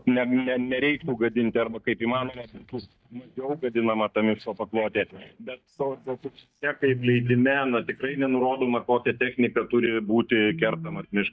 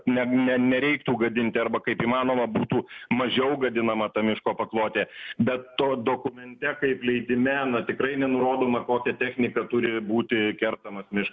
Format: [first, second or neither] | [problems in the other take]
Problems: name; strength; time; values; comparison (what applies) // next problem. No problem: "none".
second | noise reduction (neural mask model DeepFilterNet 3)